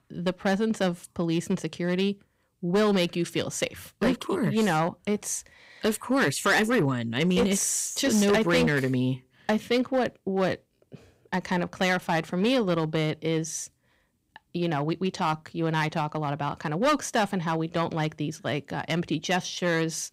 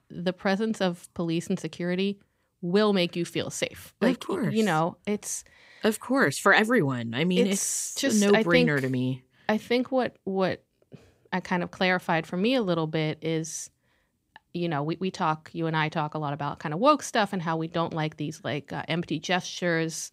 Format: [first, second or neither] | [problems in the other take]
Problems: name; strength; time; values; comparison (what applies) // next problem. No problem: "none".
second | distortion; slight; 5% of the sound clipped